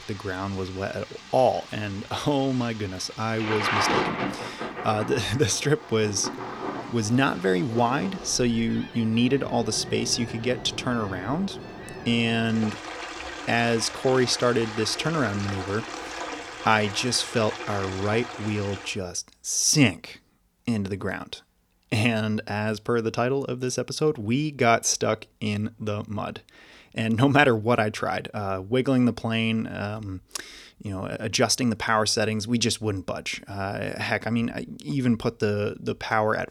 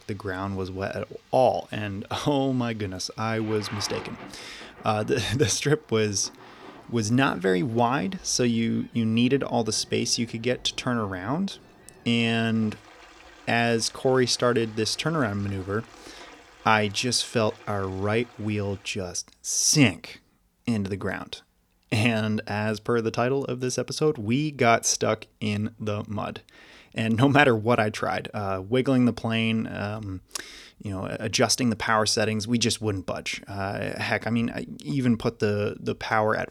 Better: second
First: rain or running water; loud; until 19 s; 9 dB below the speech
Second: rain or running water; faint; until 19 s; 25 dB below the speech

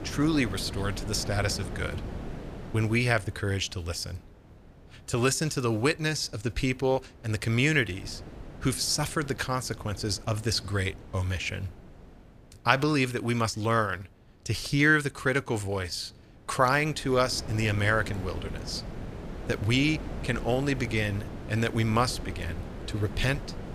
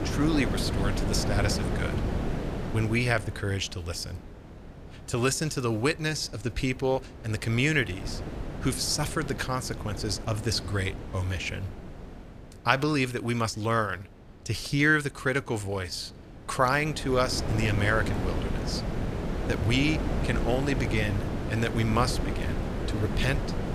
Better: first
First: wind noise on the microphone; occasional gusts; 15 dB below the speech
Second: wind noise on the microphone; heavy; 8 dB below the speech

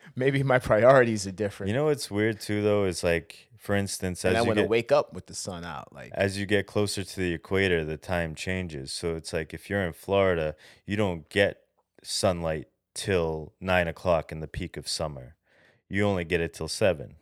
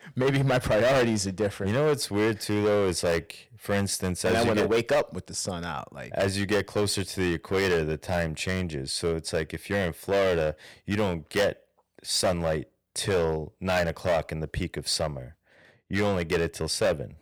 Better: first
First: none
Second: distortion; heavy; 9% of the sound clipped

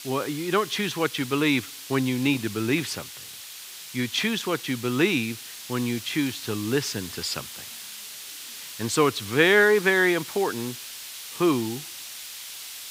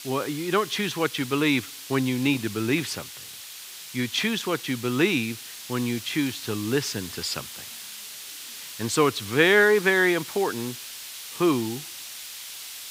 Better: neither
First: hiss; noticeable; throughout; 10 dB below the speech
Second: hiss; noticeable; throughout; 10 dB below the speech

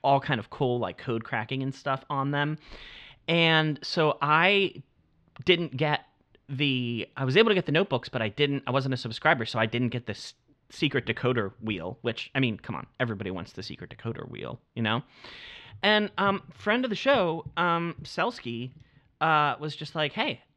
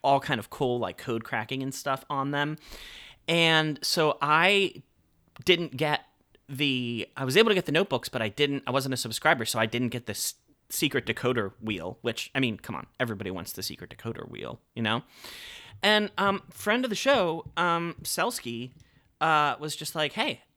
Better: second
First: muffled; very slightly; fading above 4 kHz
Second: none

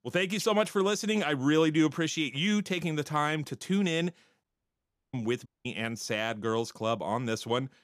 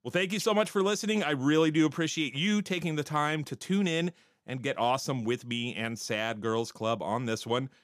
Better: second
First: audio cutting out; at 4.5 s for 0.5 s and at 5.5 s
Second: none

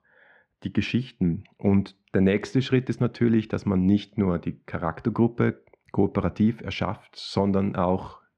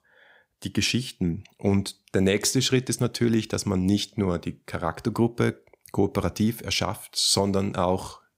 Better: second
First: muffled; very; fading above 2 kHz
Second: none

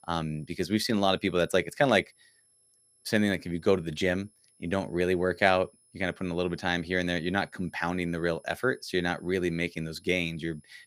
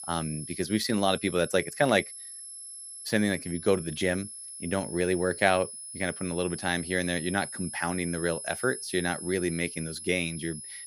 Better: first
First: high-pitched whine; faint; throughout; 10.5 kHz, 35 dB below the speech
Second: high-pitched whine; loud; throughout; 10.5 kHz, 9 dB below the speech

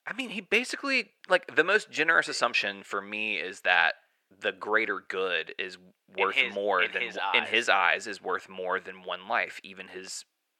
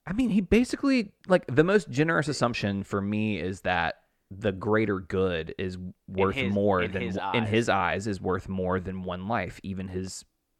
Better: second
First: thin; very; fading below 550 Hz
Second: none

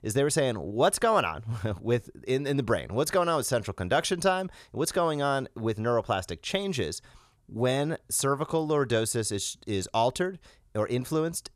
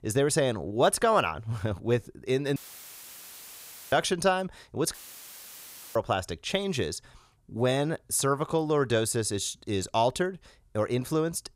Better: first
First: none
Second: audio cutting out; filled with static; at 2.5 s for 1.5 s and at 5 s for 1 s

